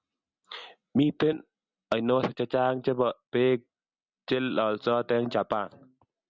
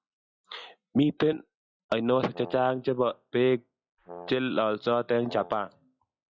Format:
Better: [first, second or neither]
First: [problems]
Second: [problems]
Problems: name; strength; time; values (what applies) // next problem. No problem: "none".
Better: first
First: none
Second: noise reduction (classical method log-MMSE)